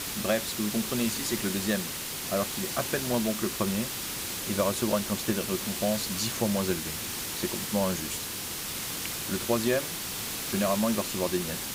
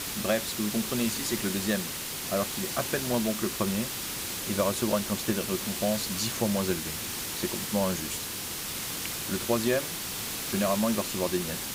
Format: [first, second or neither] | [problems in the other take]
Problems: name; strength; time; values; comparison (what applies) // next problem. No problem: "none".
neither | hiss; loud; throughout; 1 dB below the speech; the same in both